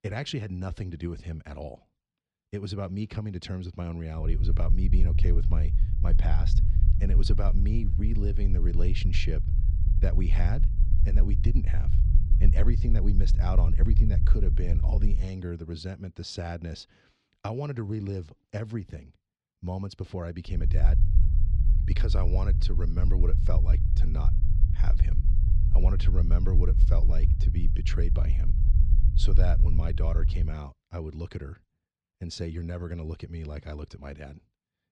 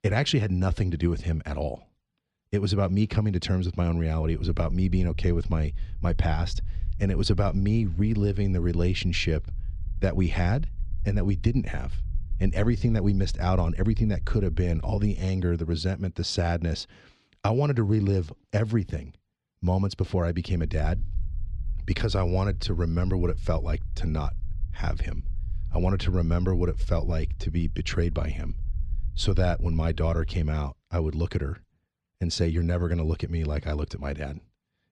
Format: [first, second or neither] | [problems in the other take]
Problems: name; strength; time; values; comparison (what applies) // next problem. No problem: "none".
second | low rumble; loud; from 4 to 15 s and from 21 to 31 s; 6 dB below the speech; faint in the second